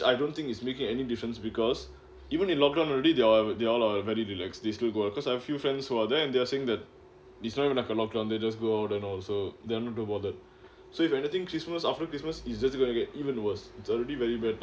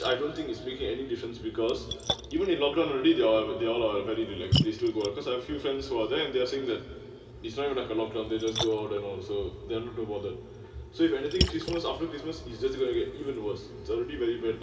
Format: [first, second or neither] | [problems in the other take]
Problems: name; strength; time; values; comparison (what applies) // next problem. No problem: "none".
first | background sound (Splash, splatter); 8 dB below the speech // room echo; dies away in 2.5 s